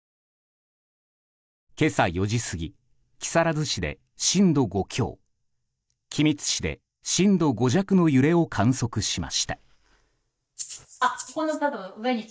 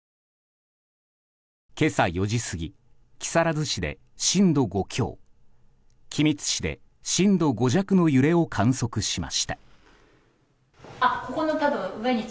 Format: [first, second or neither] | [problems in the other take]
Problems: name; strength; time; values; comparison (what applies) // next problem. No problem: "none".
second | noise reduction (neural mask model DeepFilterNet 3)